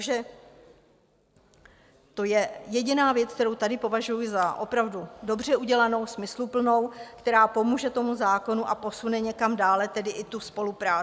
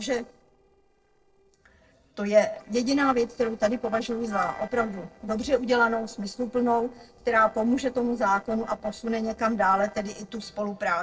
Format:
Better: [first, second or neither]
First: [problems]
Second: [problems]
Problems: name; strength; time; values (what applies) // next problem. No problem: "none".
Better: first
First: none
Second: noise reduction (neural separator model SepFormer DNS4)